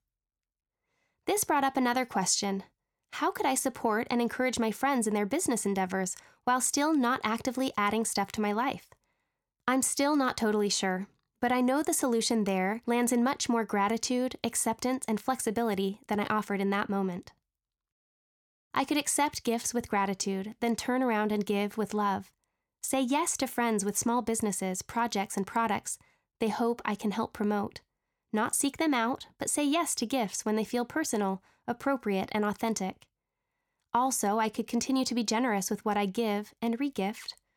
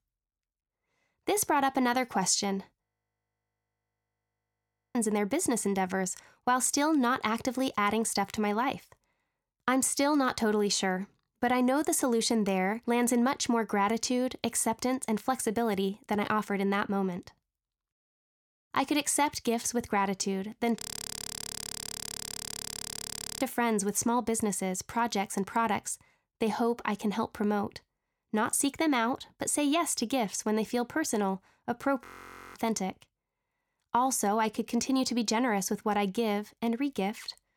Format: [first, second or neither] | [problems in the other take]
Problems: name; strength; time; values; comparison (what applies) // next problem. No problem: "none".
first | audio freezing; at 3 s for 2 s, at 21 s for 2.5 s and at 32 s for 0.5 s